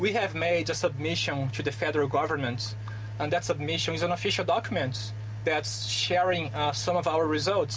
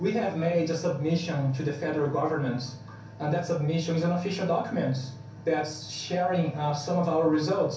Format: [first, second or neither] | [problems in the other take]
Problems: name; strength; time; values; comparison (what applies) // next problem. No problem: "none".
first | room echo; dies away in 0.6 s